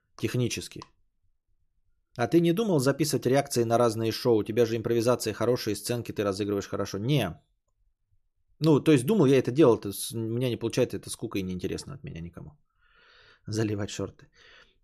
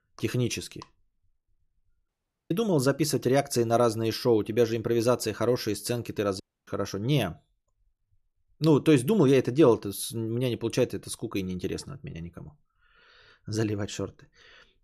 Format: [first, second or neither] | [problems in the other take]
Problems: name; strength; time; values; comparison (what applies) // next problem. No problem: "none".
first | audio cutting out; at 2 s and at 6.5 s